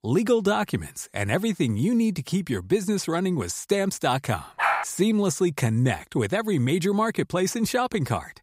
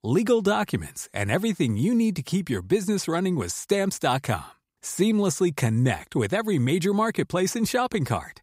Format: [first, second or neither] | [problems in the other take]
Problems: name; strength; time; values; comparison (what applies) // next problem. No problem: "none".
second | dog barking; loud; at 4.5 s; peak 1 dB above the speech